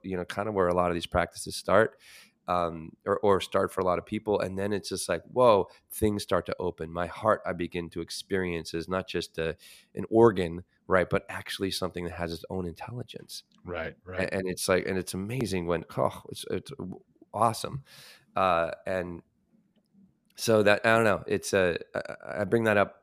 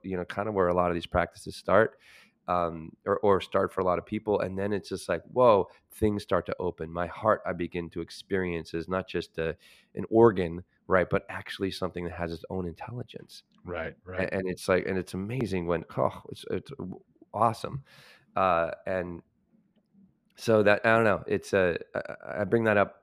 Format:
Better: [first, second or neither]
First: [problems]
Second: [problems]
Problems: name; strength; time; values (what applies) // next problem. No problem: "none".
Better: first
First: none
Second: muffled; very slightly; fading above 4 kHz